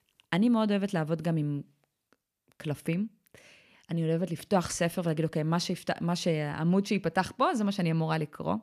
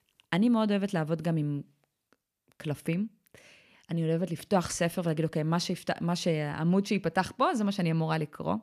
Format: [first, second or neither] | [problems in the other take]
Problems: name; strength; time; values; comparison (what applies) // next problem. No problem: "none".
neither | none